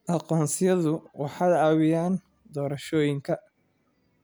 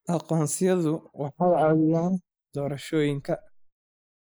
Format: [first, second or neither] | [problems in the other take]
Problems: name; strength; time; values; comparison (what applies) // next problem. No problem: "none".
first | noise reduction (neural mask model Resemble Enhance denoiser)